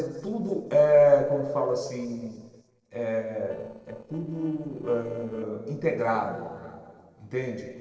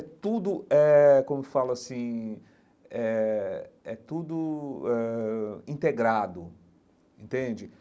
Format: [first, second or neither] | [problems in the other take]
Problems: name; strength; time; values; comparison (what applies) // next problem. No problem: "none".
second | noise reduction (neural separator model SepFormer DNS4)